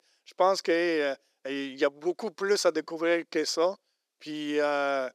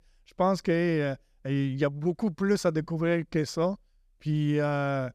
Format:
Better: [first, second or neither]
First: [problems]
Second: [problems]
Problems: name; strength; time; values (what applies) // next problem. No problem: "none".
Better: second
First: thin; somewhat; fading below 350 Hz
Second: none